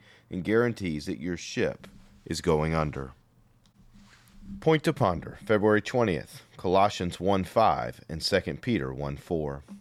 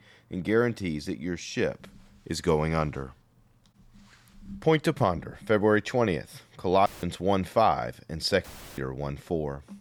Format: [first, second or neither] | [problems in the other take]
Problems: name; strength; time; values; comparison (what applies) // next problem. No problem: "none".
first | audio cutting out; filled with static; at 7 s and at 8.5 s